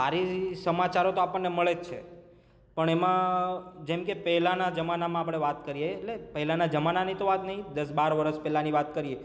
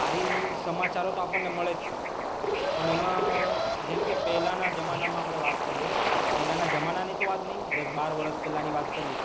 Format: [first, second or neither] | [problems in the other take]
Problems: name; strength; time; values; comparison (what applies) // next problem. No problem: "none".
first | background sound (Bird / Ocean + Alarm); 3 dB above the speech